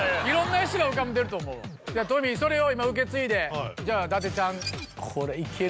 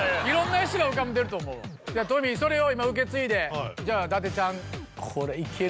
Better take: second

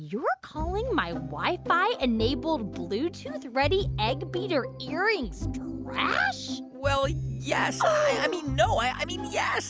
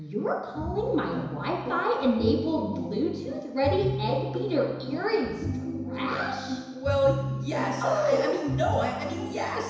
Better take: first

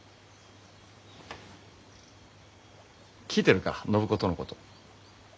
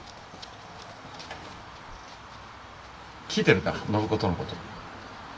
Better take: first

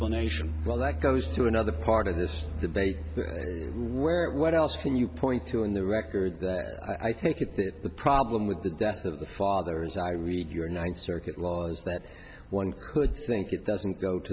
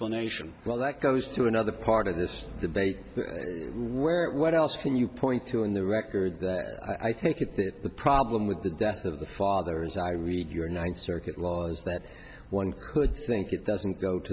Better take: second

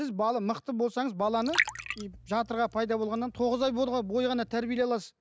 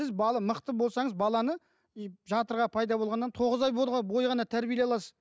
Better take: second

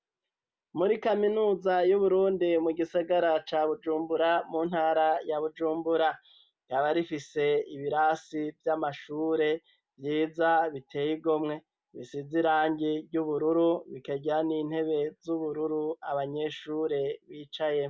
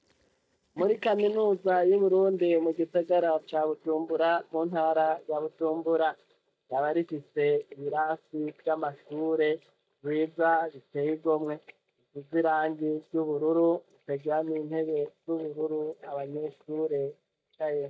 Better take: first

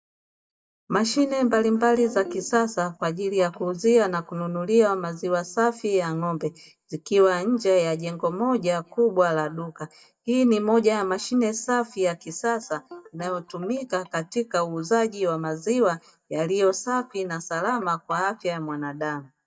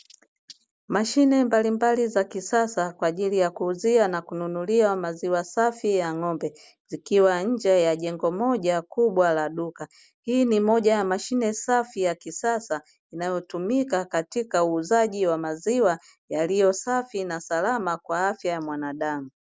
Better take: second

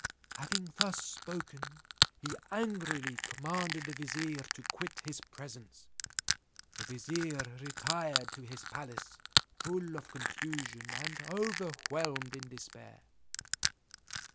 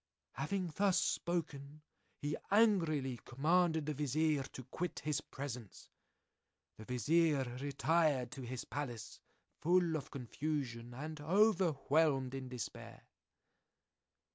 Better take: second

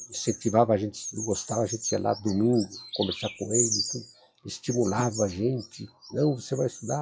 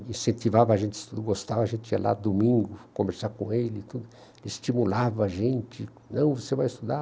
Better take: second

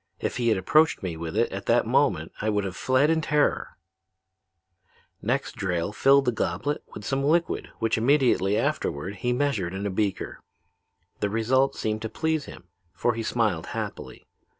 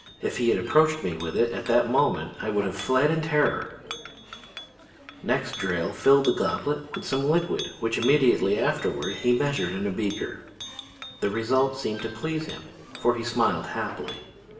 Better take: first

